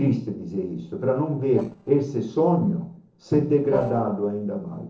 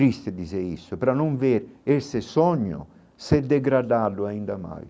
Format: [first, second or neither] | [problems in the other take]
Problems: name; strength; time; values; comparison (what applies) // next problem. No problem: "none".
second | noise reduction (neural separator model SepFormer DNS4)